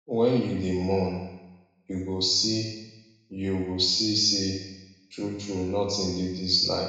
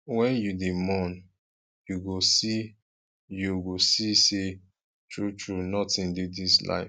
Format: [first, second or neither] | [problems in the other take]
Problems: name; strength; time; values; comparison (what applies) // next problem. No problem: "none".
second | room echo; dies away in 0.9 s